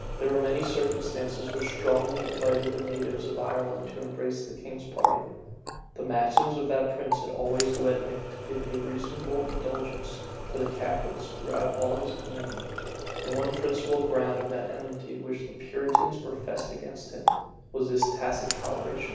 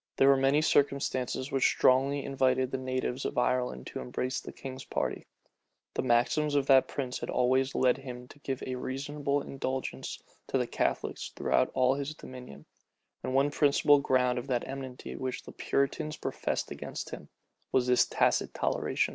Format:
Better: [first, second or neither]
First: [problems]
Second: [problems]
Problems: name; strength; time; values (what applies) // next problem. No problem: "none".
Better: second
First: background sound (Water tap, faucet); 3 dB below the speech // room echo; dies away in 1.1 s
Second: none